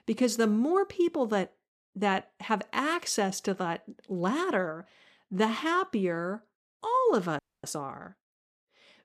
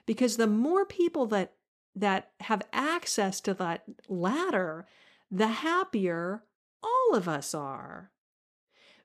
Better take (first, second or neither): second